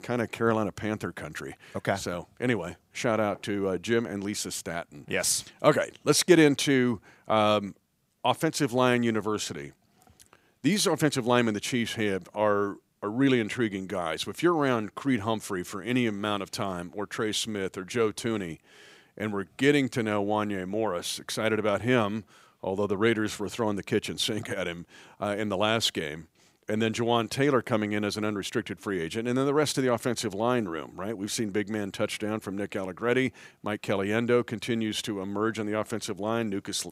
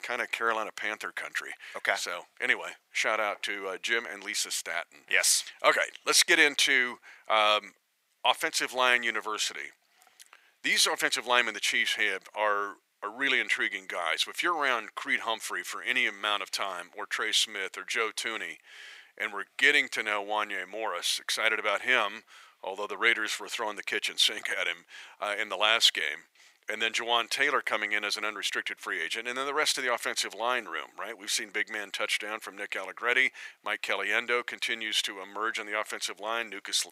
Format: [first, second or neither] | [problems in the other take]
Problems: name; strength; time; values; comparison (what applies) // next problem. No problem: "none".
first | thin; very; fading below 750 Hz